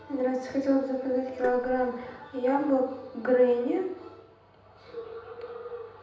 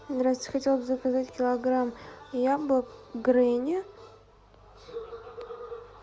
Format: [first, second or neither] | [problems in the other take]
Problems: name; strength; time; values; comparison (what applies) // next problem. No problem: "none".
second | background sound (Tap); 12 dB below the speech // room echo; dies away in 0.8 s